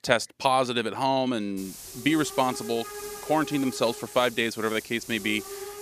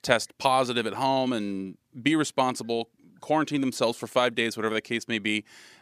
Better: second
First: hiss; noticeable; from 1.5 s on; 10 dB below the speech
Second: none

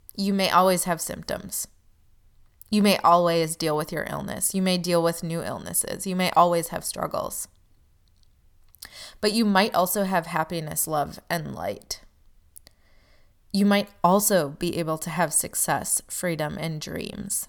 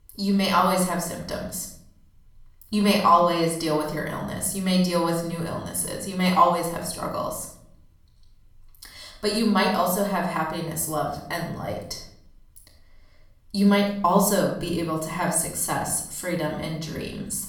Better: first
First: none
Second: off-mic speech; far // room echo; noticeable; dies away in 0.6 s

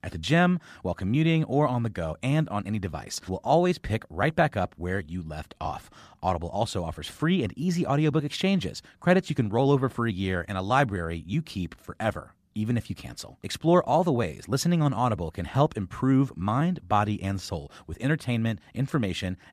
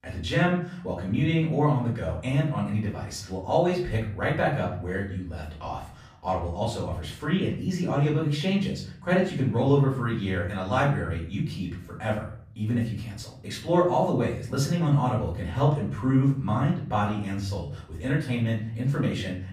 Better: first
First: none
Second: off-mic speech; far // room echo; slight; dies away in 0.5 s

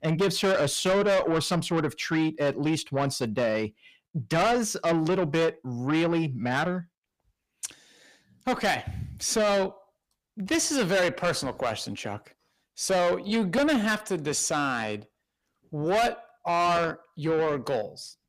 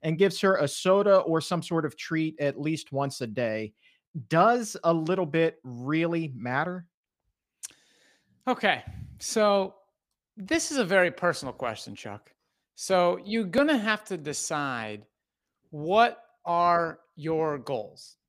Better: second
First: distortion; heavy; 6 dB below the speech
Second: none

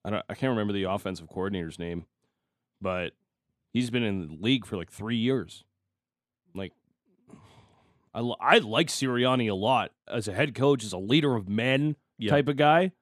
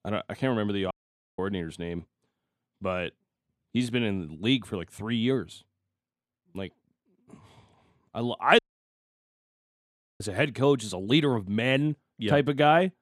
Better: first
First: none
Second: audio cutting out; at 1 s and at 8.5 s for 1.5 s

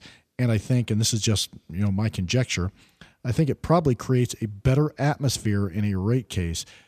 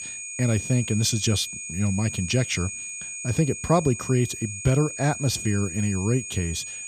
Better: first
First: none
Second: high-pitched whine; loud; throughout; 6.5 kHz, 7 dB below the speech

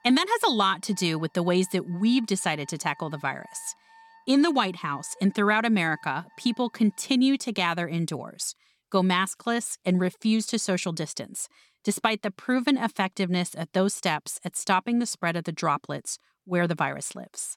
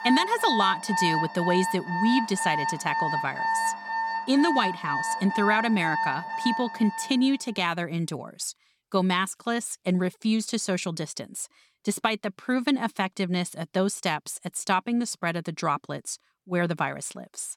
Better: first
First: alarms or sirens; faint; until 7 s; 25 dB below the speech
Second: alarms or sirens; loud; until 7 s; 2 dB below the speech

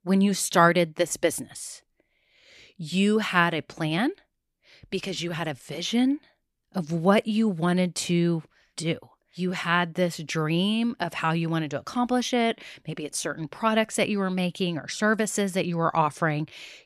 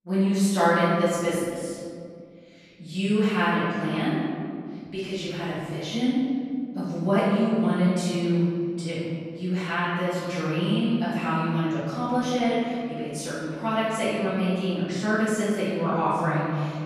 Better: first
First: none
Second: off-mic speech; far // room echo; strong; dies away in 2.2 s

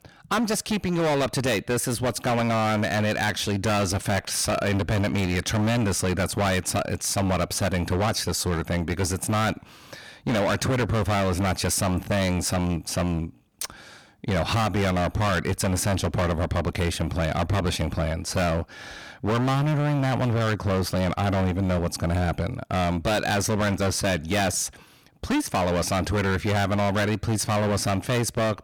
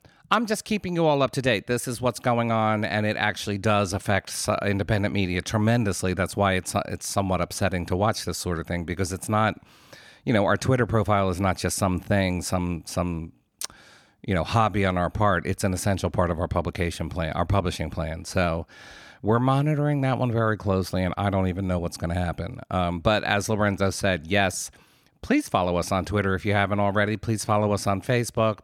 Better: second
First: distortion; heavy; 25% of the sound clipped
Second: none

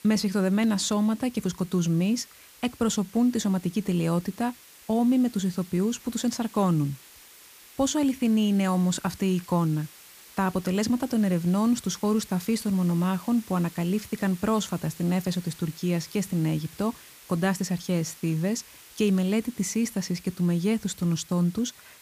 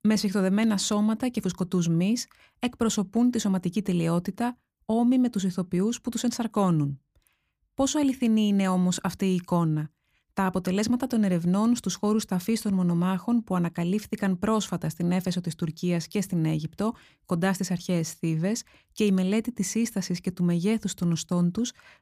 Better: second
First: hiss; faint; throughout; 20 dB below the speech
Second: none

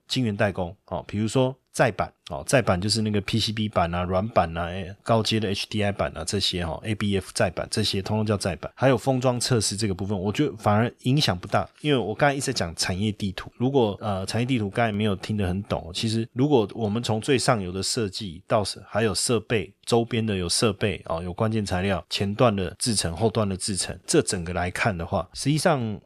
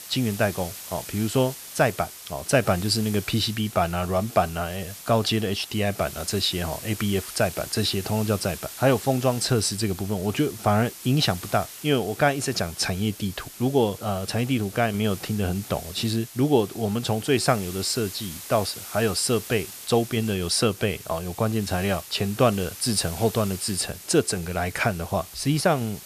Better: first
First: none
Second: hiss; noticeable; throughout; 15 dB below the speech

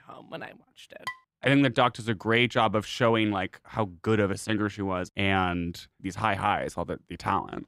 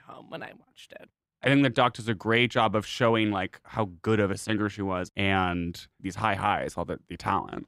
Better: second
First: clattering dishes; faint; at 1 s; peak 10 dB below the speech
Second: none

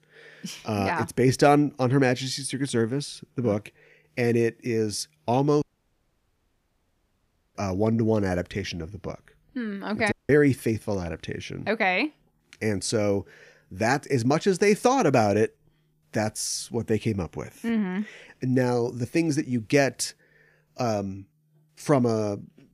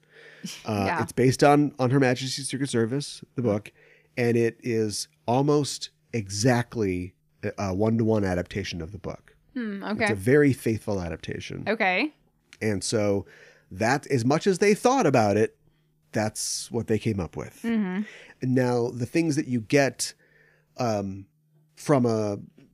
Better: second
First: audio cutting out; at 5.5 s for 2 s and at 10 s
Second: none

